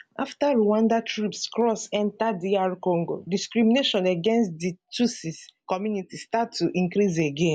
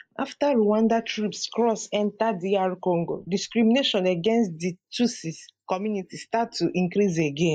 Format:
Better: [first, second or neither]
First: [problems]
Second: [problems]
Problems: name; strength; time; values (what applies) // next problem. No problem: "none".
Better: first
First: none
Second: noise reduction (neural mask model Resemble Enhance denoiser)